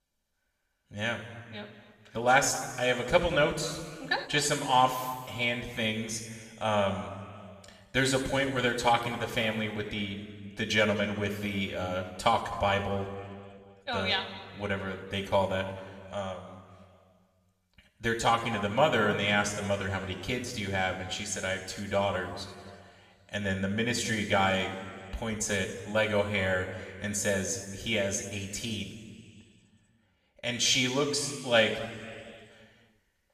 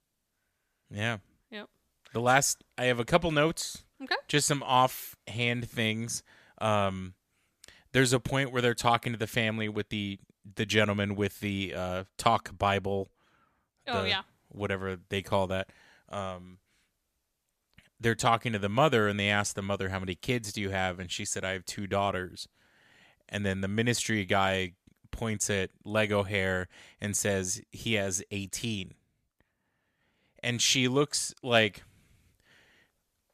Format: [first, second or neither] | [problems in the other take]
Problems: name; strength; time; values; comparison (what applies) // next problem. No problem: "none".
second | room echo; noticeable; dies away in 1.7 s // off-mic speech; somewhat distant